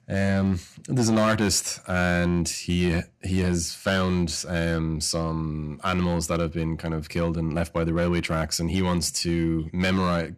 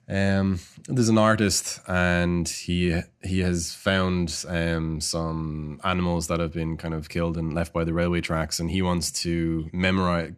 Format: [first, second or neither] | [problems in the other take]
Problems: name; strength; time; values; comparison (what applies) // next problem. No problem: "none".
second | distortion; slight; 4% of the sound clipped